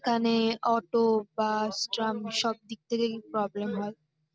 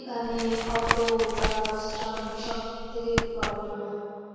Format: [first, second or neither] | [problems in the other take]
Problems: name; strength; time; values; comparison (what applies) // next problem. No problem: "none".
first | background sound (Tap); 2 dB below the speech // room echo; dies away in 2.2 s